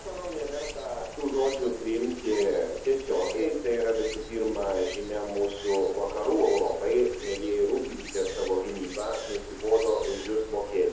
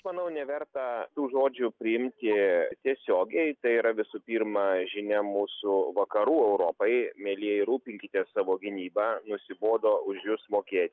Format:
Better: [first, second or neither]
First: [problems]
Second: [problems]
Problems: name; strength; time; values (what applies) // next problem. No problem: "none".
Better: second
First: background sound (Stream); 14 dB below the speech // room echo; dies away in 0.7 s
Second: none